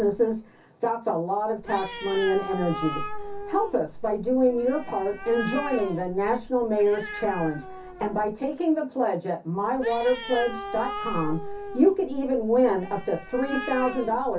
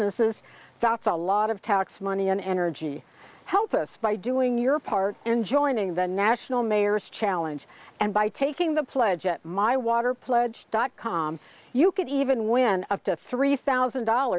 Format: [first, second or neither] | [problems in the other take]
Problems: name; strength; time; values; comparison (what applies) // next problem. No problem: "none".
second | background sound (Animal); 10 dB below the speech // room echo; dies away in 0.3 s